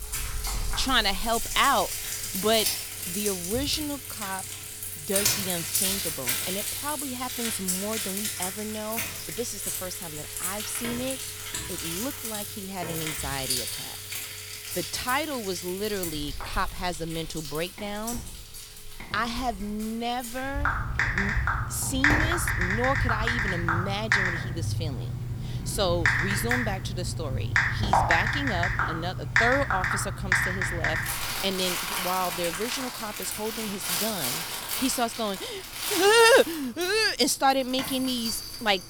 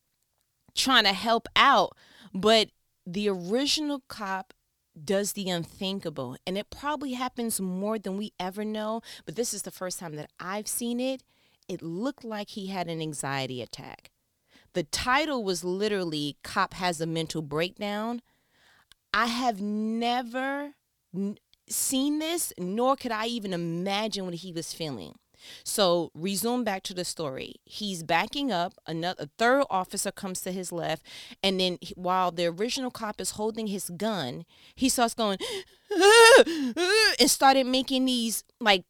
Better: second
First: household noises; very loud; throughout; as loud as the speech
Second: none

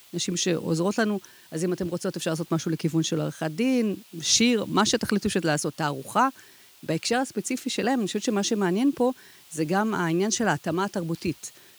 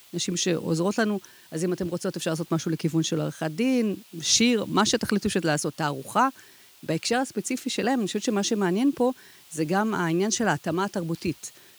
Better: neither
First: hiss; faint; throughout; 25 dB below the speech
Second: hiss; faint; throughout; 25 dB below the speech

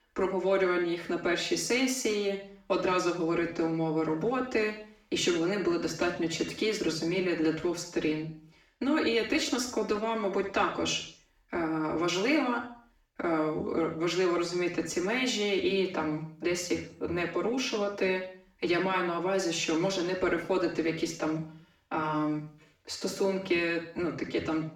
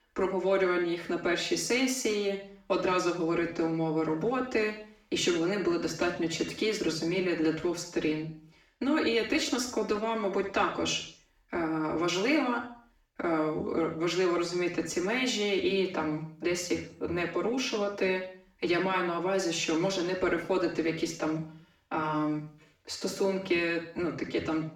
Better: neither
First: room echo; noticeable; dies away in 0.5 s // off-mic speech; far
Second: room echo; noticeable; dies away in 0.5 s // off-mic speech; far

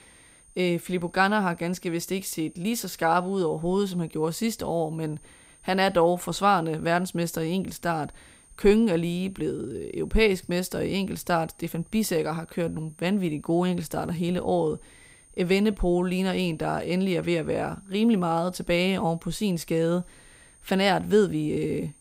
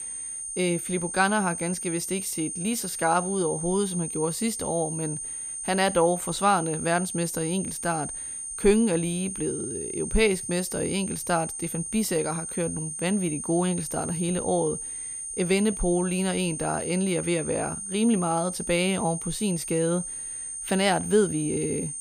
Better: first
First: high-pitched whine; faint; throughout; 9 kHz, 30 dB below the speech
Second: high-pitched whine; loud; throughout; 9 kHz, 5 dB below the speech

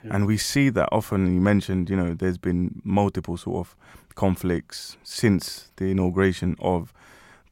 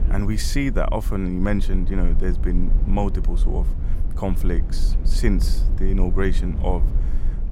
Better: first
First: none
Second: low rumble; noticeable; throughout; 15 dB below the speech

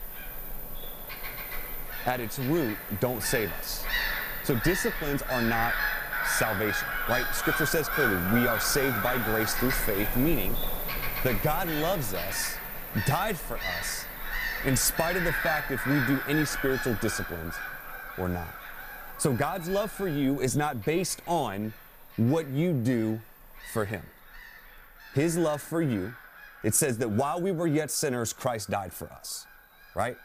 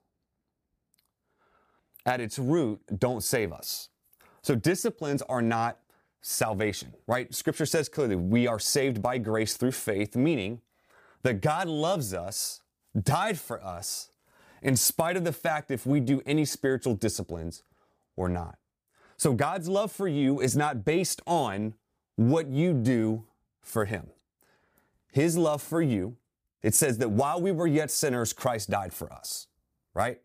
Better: second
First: animal sounds; loud; throughout; 2 dB below the speech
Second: none

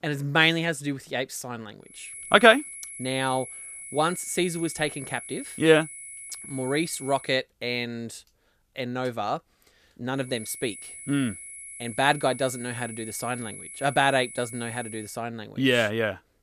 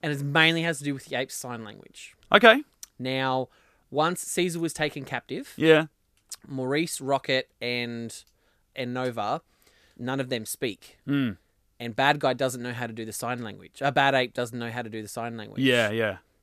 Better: second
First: high-pitched whine; noticeable; from 2 to 7.5 s and from 10 to 15 s; 11 kHz, 15 dB below the speech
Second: none

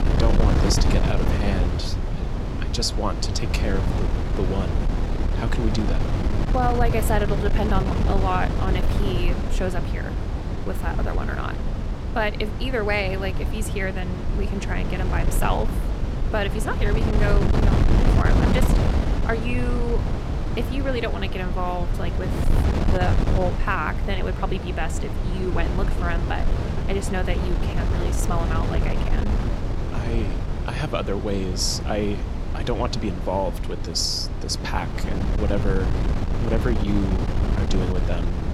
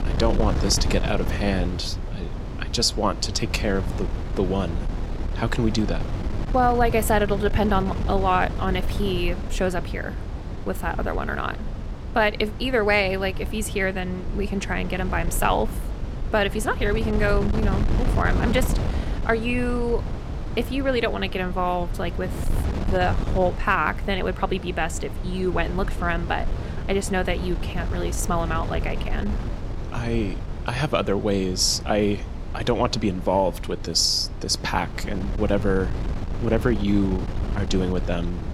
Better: second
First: wind noise on the microphone; heavy; 4 dB below the speech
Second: wind noise on the microphone; occasional gusts; 15 dB below the speech

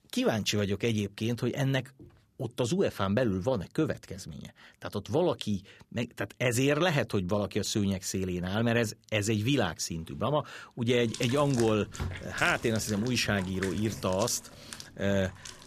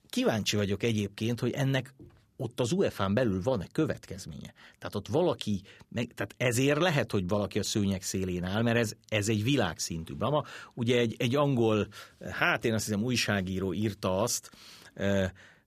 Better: second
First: household noises; noticeable; from 11 s on; 10 dB below the speech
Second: none

